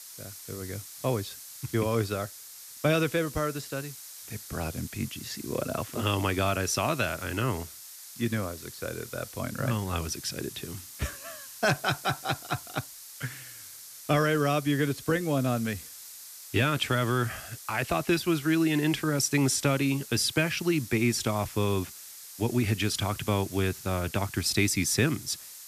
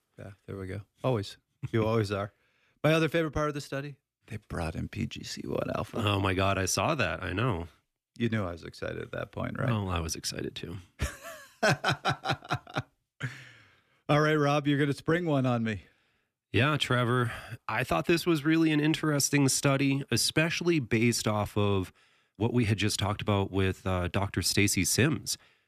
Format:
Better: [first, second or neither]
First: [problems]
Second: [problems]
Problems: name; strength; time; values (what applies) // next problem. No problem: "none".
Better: second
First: hiss; noticeable; throughout; 15 dB below the speech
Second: none